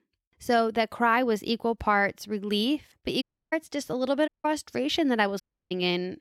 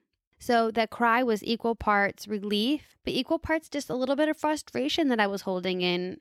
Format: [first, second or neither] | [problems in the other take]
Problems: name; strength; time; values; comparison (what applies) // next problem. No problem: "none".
second | audio cutting out; at 3 s, at 4.5 s and at 5.5 s